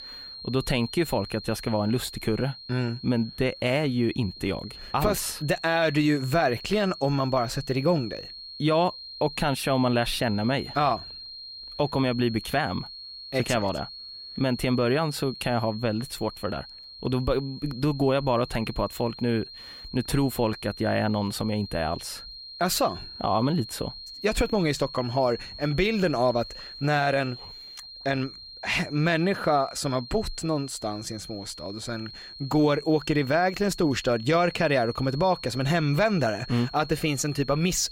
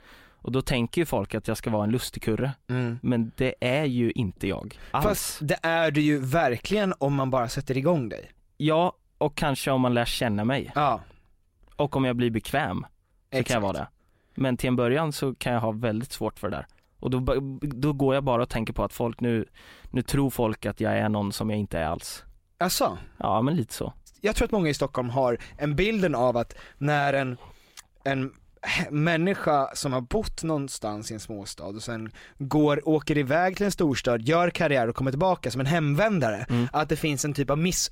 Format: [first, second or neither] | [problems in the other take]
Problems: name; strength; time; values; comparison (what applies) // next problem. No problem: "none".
second | high-pitched whine; noticeable; throughout; 4 kHz, 15 dB below the speech